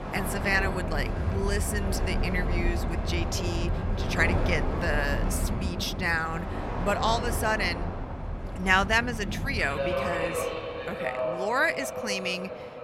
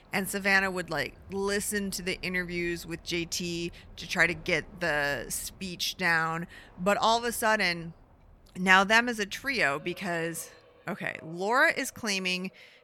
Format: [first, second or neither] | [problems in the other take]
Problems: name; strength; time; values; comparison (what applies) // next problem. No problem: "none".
second | train or aircraft noise; loud; throughout; 2 dB below the speech; faint in the second